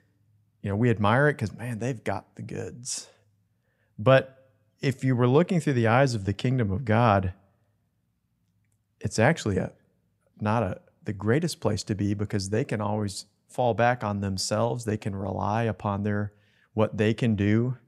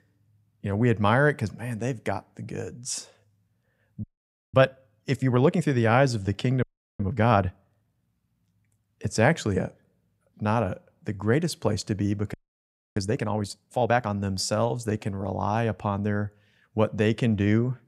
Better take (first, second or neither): first